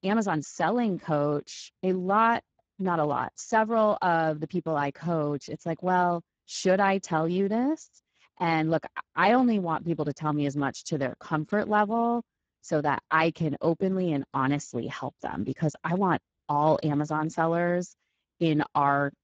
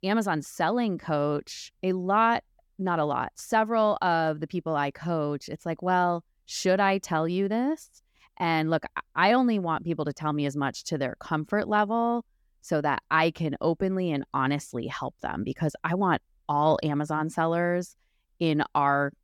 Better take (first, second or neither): second